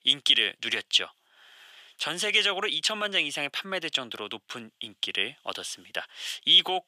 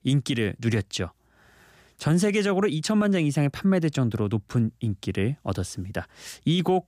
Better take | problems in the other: second | thin; very; fading below 650 Hz

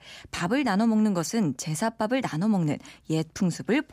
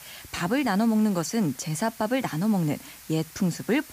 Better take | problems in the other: first | hiss; noticeable; throughout; 20 dB below the speech

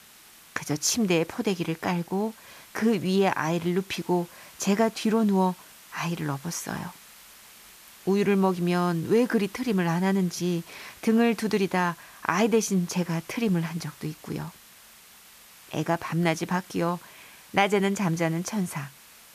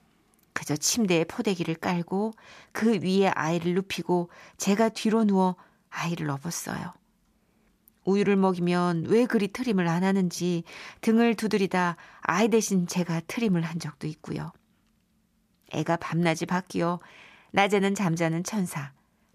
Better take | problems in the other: second | hiss; faint; throughout; 20 dB below the speech

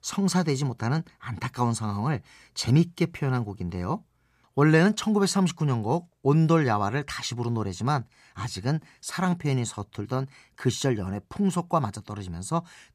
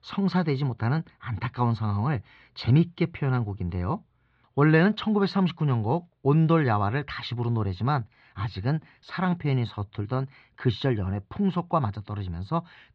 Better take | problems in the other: first | muffled; slightly; fading above 4 kHz

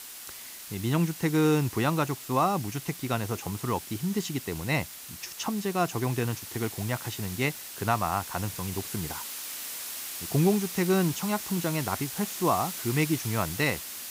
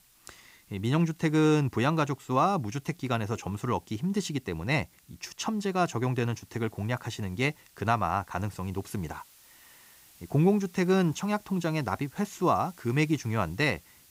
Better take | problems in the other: second | hiss; loud; throughout; 8 dB below the speech; faint in the second

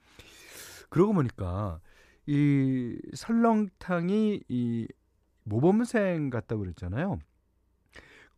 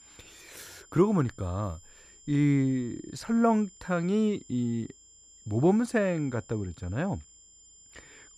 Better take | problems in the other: first | high-pitched whine; faint; throughout; 7.5 kHz, 25 dB below the speech

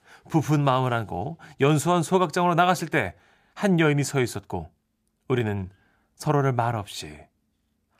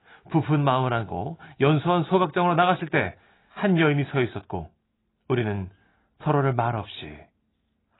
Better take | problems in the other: first | garbled, watery; badly; nothing above 4 kHz

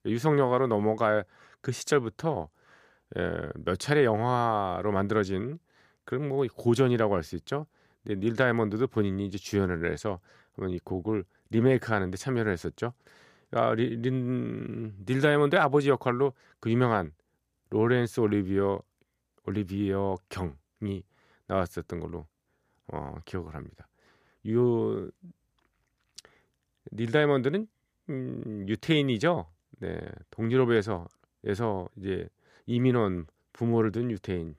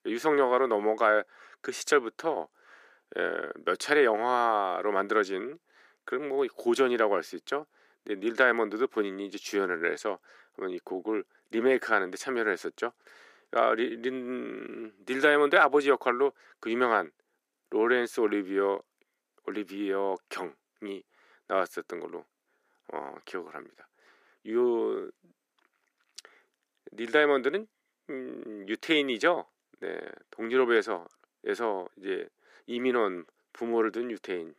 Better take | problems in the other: first | thin; somewhat; fading below 300 Hz

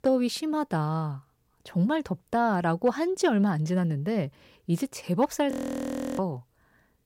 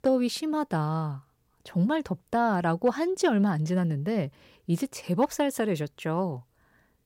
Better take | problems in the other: second | audio freezing; at 5.5 s for 0.5 s

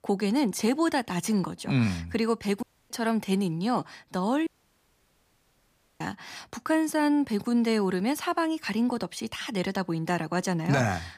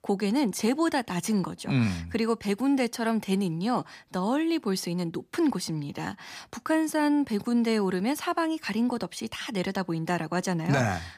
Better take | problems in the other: second | audio cutting out; at 2.5 s and at 4.5 s for 1.5 s

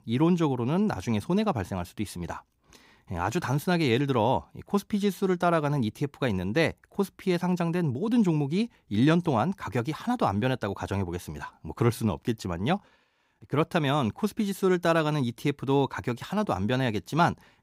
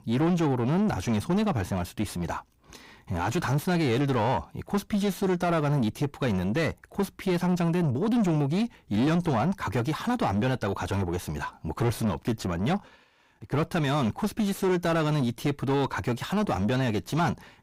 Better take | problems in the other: first | distortion; heavy; 7 dB below the speech

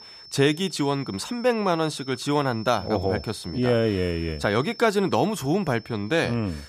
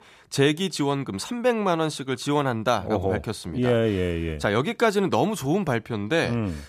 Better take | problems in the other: second | high-pitched whine; noticeable; throughout; 5.5 kHz, 20 dB below the speech

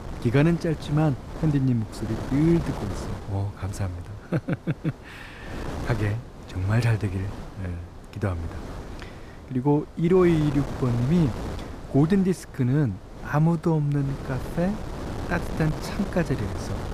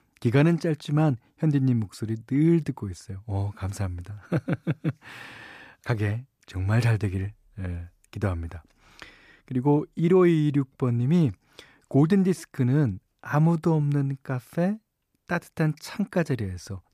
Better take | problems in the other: second | wind noise on the microphone; heavy; 10 dB below the speech

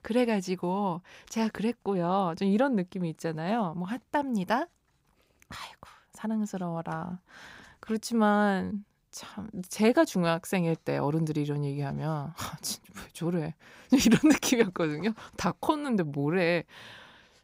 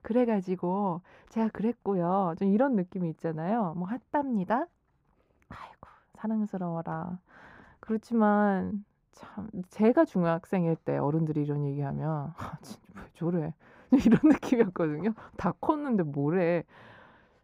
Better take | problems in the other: first | muffled; very; fading above 2.5 kHz

